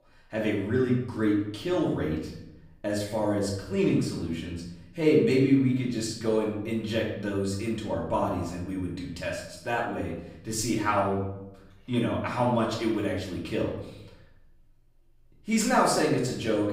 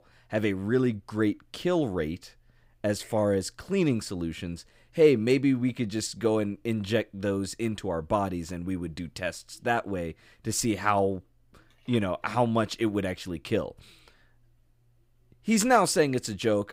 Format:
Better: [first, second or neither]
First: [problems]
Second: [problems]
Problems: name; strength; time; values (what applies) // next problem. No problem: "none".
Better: second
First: off-mic speech; far // room echo; noticeable; dies away in 0.7 s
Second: none